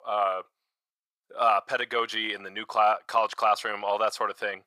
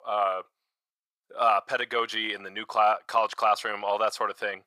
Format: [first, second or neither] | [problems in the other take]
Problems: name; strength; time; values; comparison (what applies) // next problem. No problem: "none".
neither | thin; very; fading below 750 Hz; the same in both